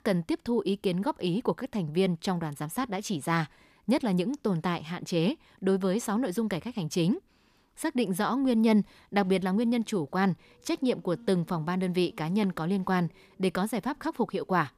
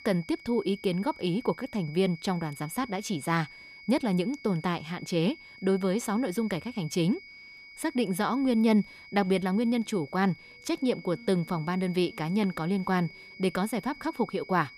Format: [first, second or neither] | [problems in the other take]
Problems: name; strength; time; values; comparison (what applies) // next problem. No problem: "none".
first | high-pitched whine; noticeable; throughout; 2 kHz, 20 dB below the speech